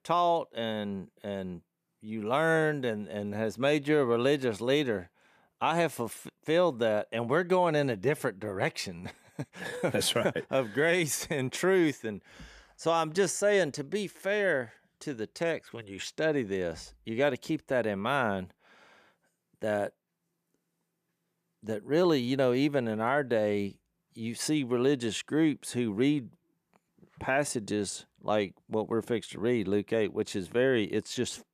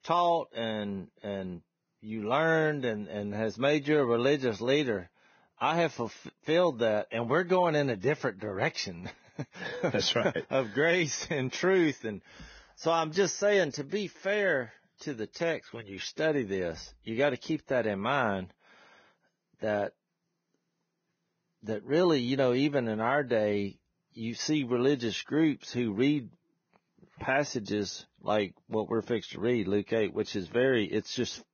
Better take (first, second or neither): first